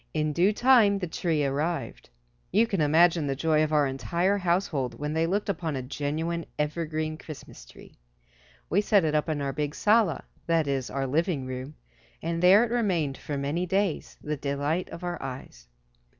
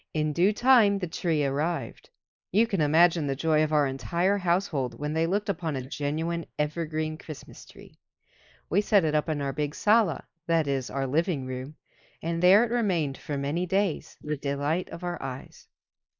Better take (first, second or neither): first